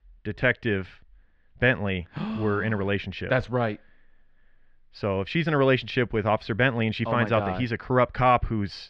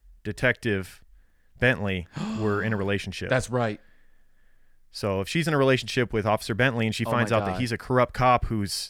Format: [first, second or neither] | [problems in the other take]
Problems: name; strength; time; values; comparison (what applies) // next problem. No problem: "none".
second | muffled; slightly; fading above 3.5 kHz